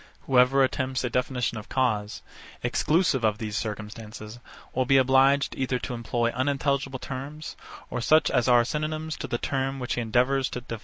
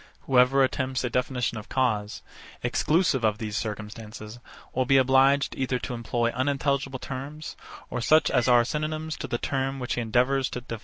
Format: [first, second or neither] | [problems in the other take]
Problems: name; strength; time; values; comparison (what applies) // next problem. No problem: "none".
first | noise reduction (neural separator model SepFormer DNS4)